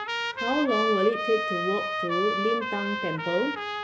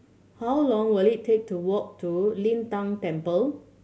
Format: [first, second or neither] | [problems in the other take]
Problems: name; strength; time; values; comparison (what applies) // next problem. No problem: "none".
second | background sound (Trumpet); 1 dB below the speech